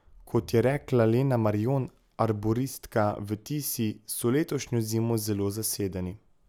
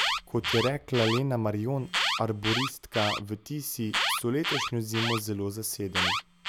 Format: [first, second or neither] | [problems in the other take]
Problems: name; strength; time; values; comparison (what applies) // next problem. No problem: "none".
first | background sound (Alarm); 2 dB below the speech